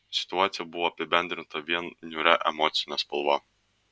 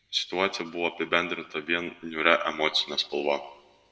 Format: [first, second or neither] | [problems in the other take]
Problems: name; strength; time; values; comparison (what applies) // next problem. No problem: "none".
first | room echo; dies away in 1 s